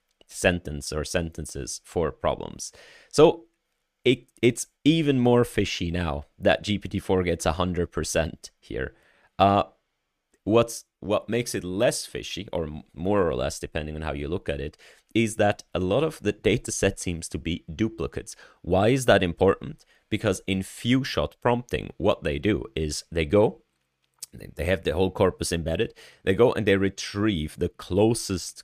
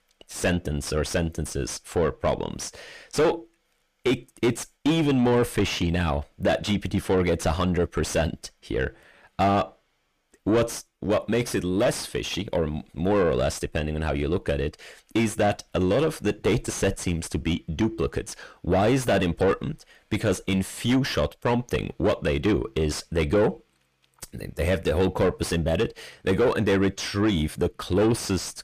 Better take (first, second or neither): first